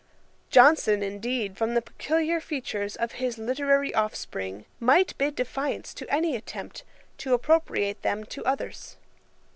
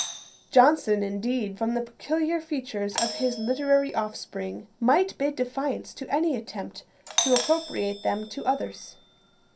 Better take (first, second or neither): first